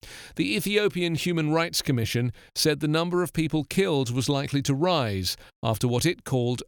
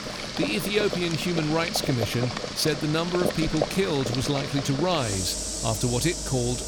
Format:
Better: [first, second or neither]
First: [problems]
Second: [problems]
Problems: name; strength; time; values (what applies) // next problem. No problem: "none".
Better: first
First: none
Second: household noises; loud; throughout; 4 dB below the speech